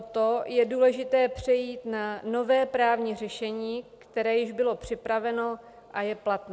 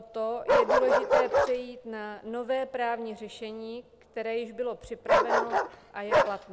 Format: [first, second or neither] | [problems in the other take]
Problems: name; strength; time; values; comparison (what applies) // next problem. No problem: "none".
first | background sound (Bark); 4 dB above the speech